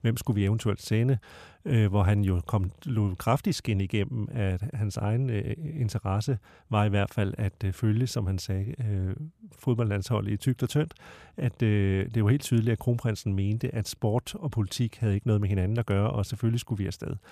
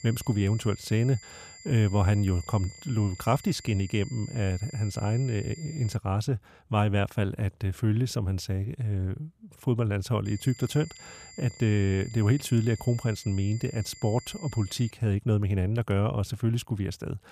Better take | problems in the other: first | high-pitched whine; noticeable; until 6 s and from 10 to 15 s; 7.5 kHz, 20 dB below the speech

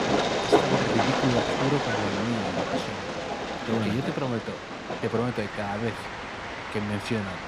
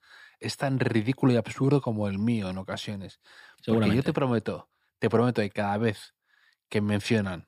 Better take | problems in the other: second | train or aircraft noise; very loud; throughout; 2 dB above the speech

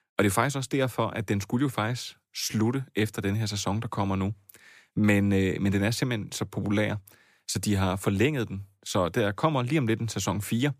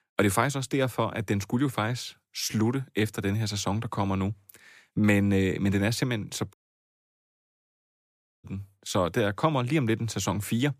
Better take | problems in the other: first | audio cutting out; at 6.5 s for 2 s

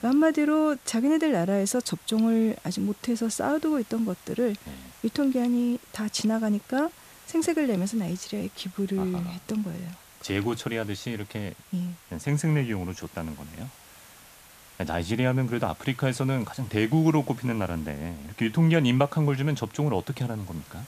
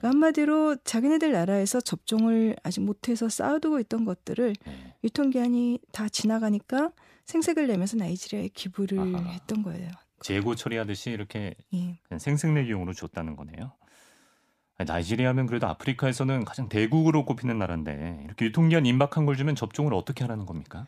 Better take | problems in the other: second | hiss; faint; throughout; 20 dB below the speech

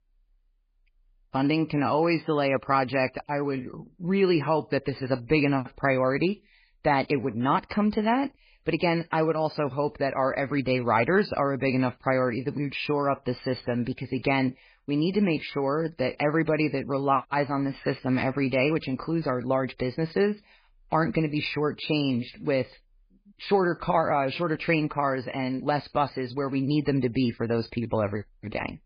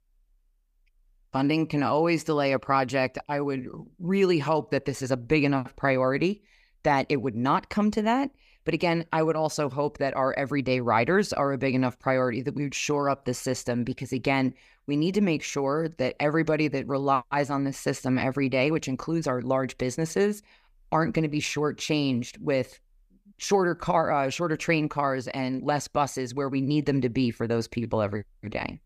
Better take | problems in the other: second | garbled, watery; badly; nothing above 4.5 kHz

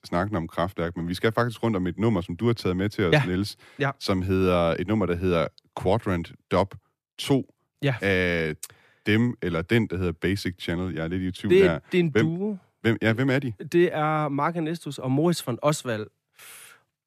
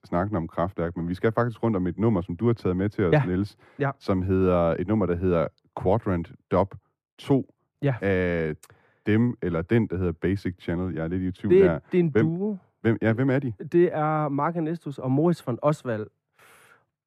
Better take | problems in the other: first | muffled; slightly; fading above 2 kHz

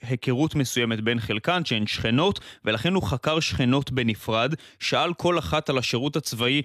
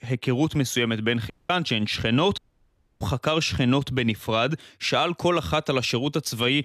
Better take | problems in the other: first | audio cutting out; at 1.5 s and at 2.5 s for 0.5 s

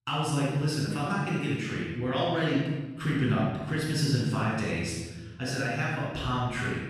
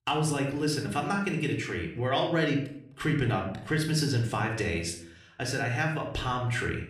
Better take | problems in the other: second | room echo; strong; dies away in 1.3 s; slight in the second // off-mic speech; far; somewhat distant in the second

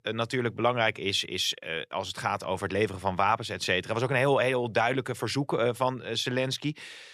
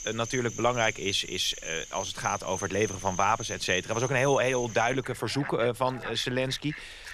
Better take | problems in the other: first | animal sounds; noticeable; throughout; 10 dB below the speech

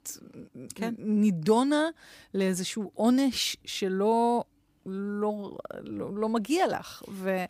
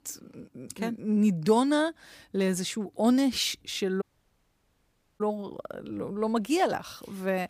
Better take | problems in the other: first | audio cutting out; at 4 s for 1 s

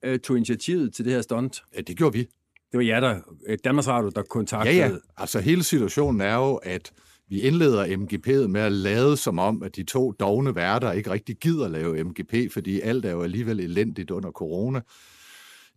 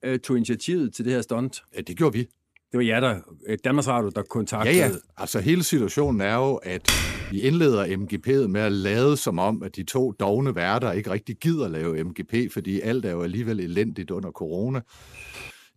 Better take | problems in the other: first | jangling keys; noticeable; at 4.5 s; peak 6 dB below the speech // keyboard typing; loud; at 7 s; peak 3 dB above the speech // keyboard typing; faint; at 15 s; peak 15 dB below the speech

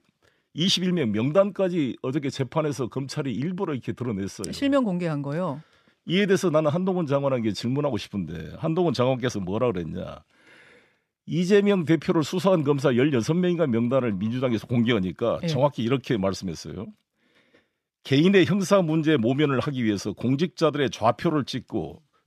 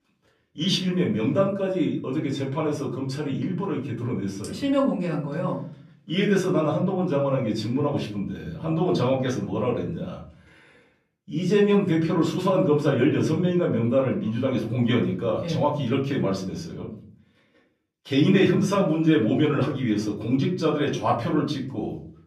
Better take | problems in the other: first | off-mic speech; far // room echo; slight; dies away in 0.5 s

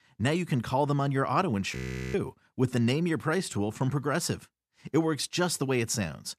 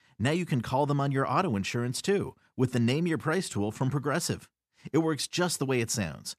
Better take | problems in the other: second | audio freezing; at 2 s

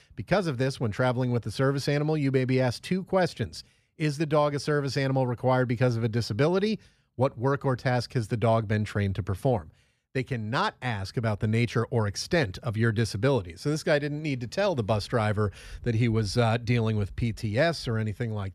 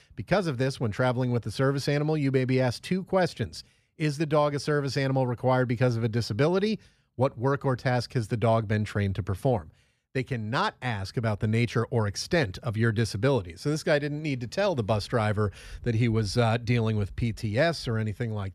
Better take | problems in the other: neither | none

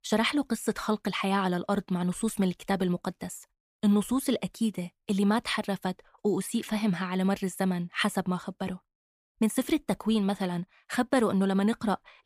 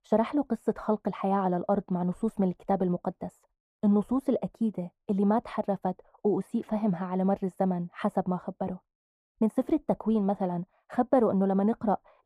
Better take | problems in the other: first | muffled; very; fading above 1.5 kHz

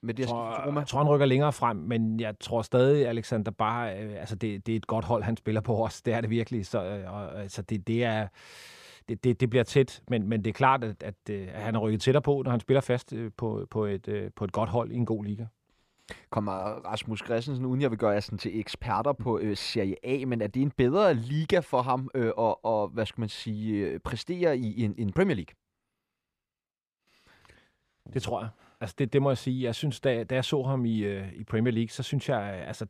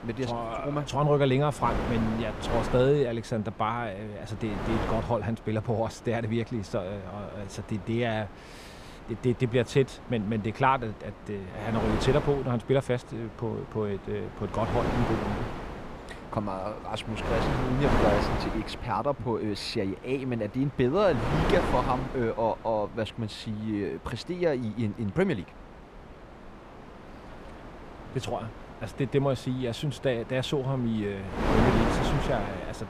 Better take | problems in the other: first | wind noise on the microphone; heavy; 4 dB below the speech

